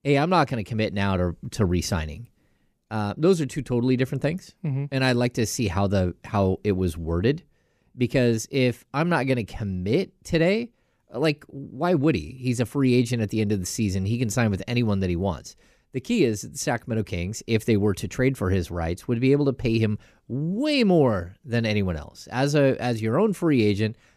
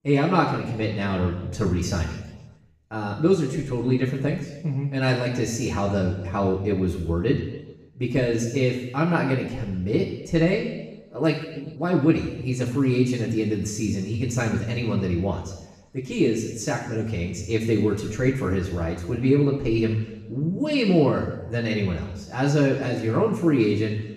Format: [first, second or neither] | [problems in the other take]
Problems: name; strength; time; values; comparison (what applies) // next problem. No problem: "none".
first | room echo; noticeable; dies away in 1 s // off-mic speech; far